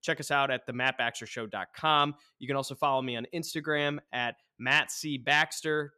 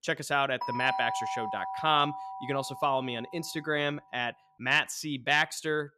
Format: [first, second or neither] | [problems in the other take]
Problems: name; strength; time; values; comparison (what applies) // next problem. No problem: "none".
first | doorbell; noticeable; from 0.5 to 3.5 s; peak 3 dB below the speech